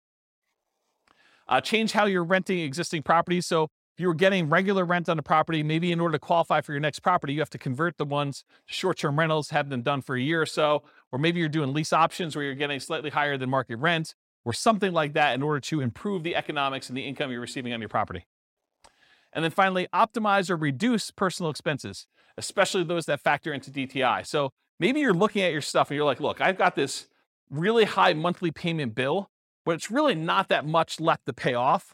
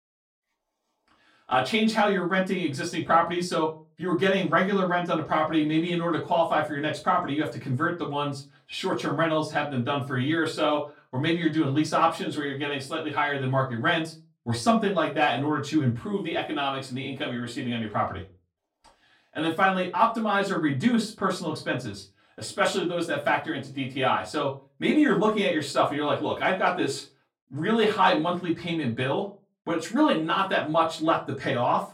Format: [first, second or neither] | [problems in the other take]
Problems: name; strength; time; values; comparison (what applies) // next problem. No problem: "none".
first | off-mic speech; far // room echo; very slight; dies away in 0.2 s